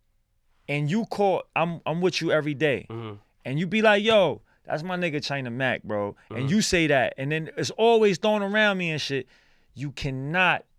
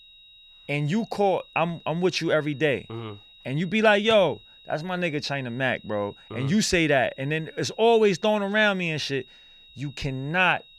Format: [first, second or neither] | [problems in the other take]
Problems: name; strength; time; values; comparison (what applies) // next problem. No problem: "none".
first | high-pitched whine; faint; throughout; 4 kHz, 25 dB below the speech